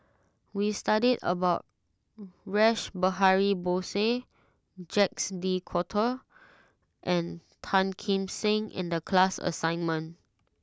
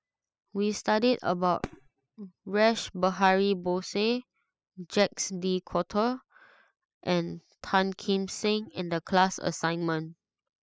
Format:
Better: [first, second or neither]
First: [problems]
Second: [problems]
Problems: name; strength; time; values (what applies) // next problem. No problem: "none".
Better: first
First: none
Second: noise reduction (classical method spectral subtraction)